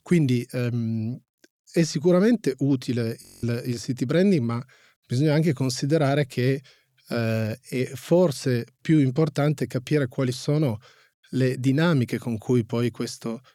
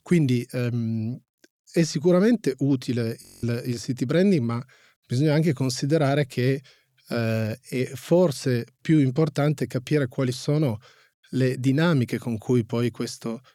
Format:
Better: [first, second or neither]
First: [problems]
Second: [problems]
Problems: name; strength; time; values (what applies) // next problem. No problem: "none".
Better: neither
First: audio freezing; at 3 s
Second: audio freezing; at 3 s